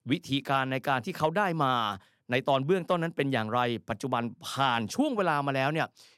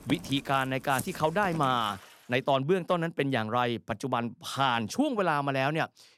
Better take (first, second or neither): first